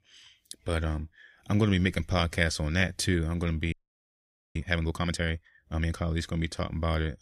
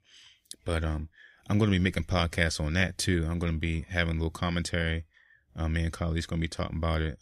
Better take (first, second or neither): second